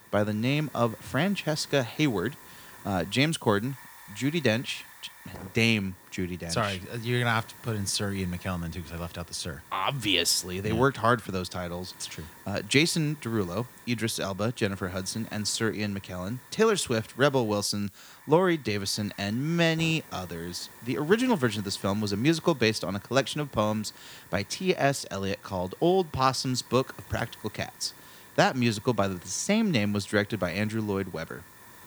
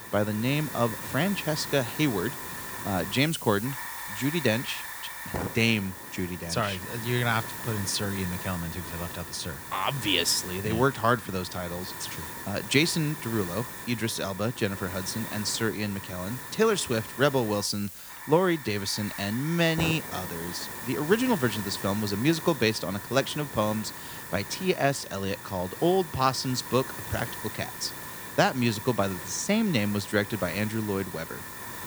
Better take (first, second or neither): first